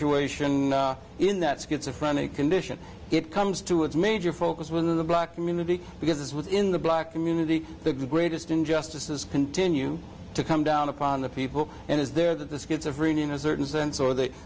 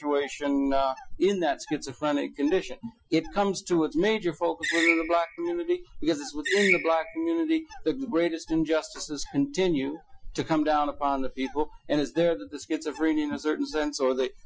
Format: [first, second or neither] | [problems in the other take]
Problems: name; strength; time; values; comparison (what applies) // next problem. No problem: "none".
first | noise reduction (classical method Wiener filter)